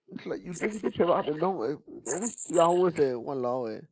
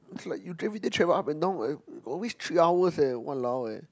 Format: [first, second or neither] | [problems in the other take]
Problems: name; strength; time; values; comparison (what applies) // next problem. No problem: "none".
second | noise reduction (neural mask model Resemble Enhance denoiser)